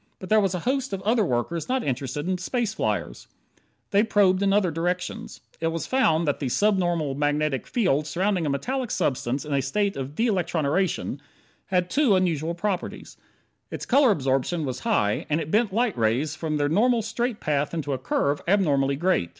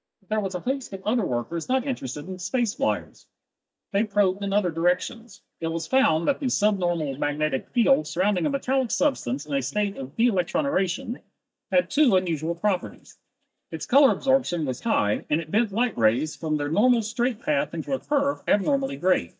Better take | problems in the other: first | noise reduction (neural mask model DeepFilterNet 3)

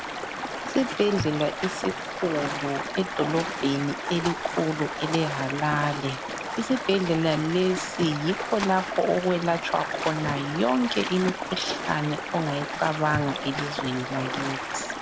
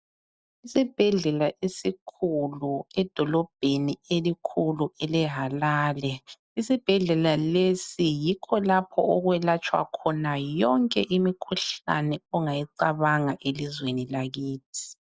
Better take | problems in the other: second | background sound (Stream); 5 dB below the speech

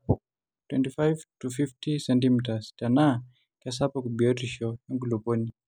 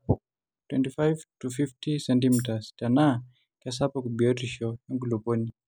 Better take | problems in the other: first | background sound (Tambourine); 13 dB below the speech

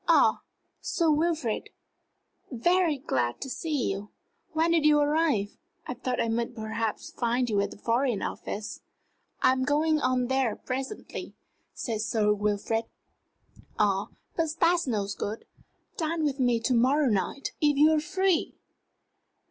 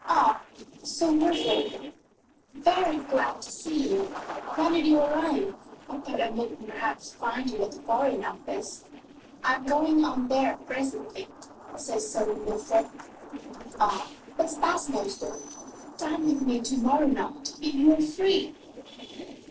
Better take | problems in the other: first | noise reduction (neural separator model SepFormer DNS4)

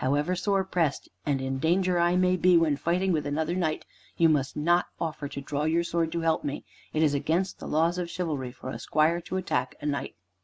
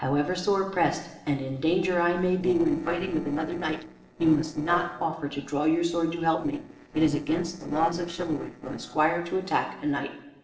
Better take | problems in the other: first | noise reduction (neural separator model SepFormer DNS4)

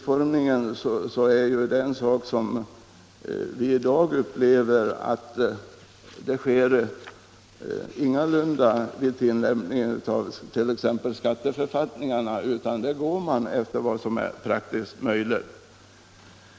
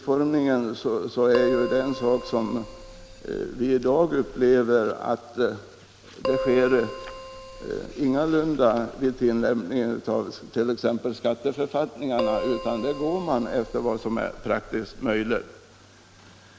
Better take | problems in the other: first | background sound (Keyboard (musical)); 10 dB below the speech

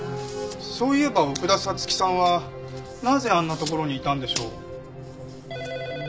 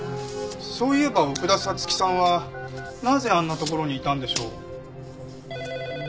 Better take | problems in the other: first | background sound (Telephone); 15 dB below the speech

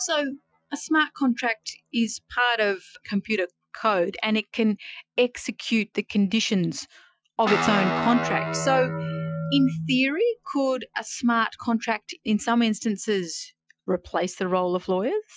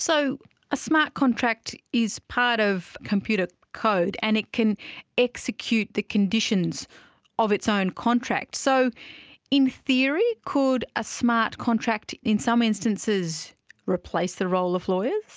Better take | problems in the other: second | noise reduction (classical method Wiener filter)

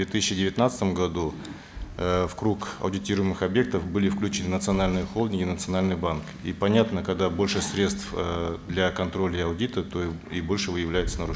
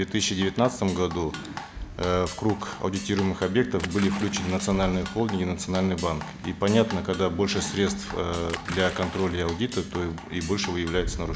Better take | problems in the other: first | background sound (Drum kit + Splash, splatter); 14 dB below the speech

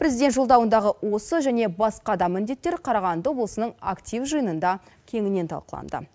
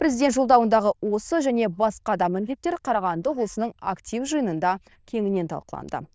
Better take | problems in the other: first | noise reduction (neural diffusion model UNIVERSE++)

